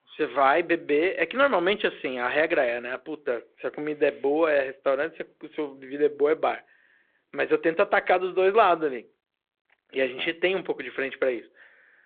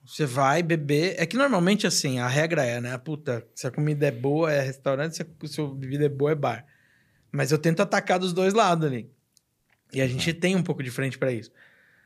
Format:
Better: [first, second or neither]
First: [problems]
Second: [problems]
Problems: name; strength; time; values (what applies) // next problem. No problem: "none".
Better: second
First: phone-call audio; nothing above 3.5 kHz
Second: none